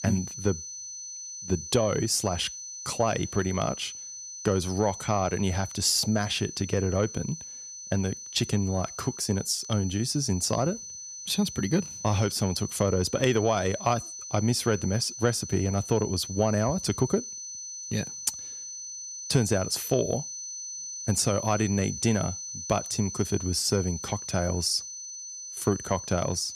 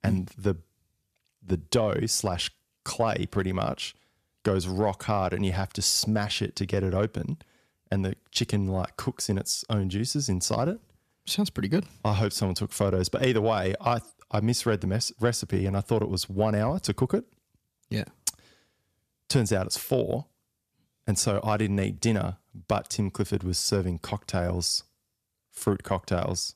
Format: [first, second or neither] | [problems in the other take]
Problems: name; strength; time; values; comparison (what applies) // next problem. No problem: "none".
second | high-pitched whine; loud; throughout; 6 kHz, 9 dB below the speech